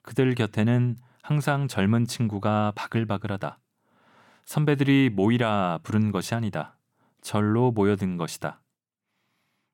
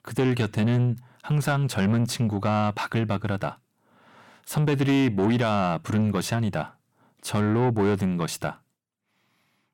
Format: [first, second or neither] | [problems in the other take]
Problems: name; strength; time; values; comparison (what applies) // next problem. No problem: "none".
first | distortion; slight; 10 dB below the speech